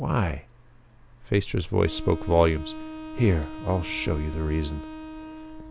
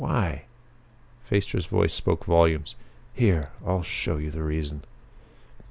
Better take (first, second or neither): second